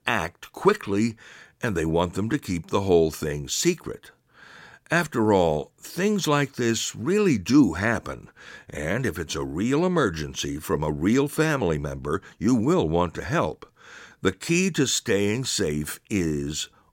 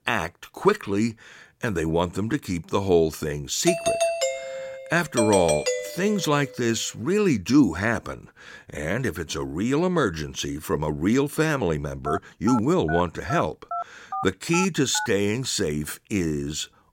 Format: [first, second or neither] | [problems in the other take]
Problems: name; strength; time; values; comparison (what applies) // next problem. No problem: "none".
first | doorbell; loud; from 3.5 to 6.5 s; peak 1 dB above the speech // phone ringing; noticeable; from 12 to 15 s; peak 8 dB below the speech